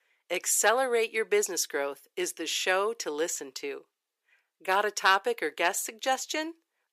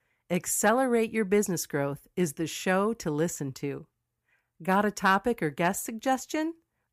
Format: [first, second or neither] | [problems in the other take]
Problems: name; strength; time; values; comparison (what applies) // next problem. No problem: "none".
second | thin; very; fading below 400 Hz